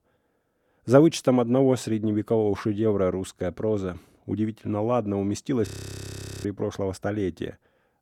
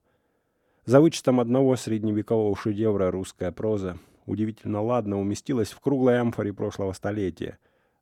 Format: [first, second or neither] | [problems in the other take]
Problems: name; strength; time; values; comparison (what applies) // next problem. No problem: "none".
second | audio freezing; at 5.5 s for 1 s